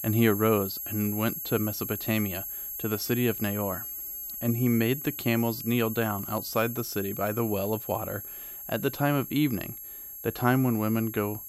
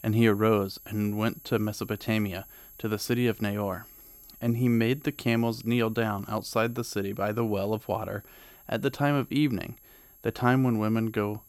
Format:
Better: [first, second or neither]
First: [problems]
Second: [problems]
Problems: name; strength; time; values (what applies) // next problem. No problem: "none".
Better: second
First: high-pitched whine; loud; throughout; 11.5 kHz, 7 dB below the speech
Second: high-pitched whine; faint; throughout; 11.5 kHz, 20 dB below the speech